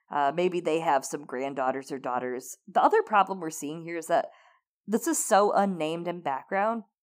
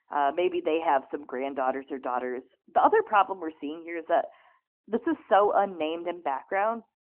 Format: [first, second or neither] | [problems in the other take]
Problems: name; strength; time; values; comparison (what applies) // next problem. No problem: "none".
first | phone-call audio; nothing above 3 kHz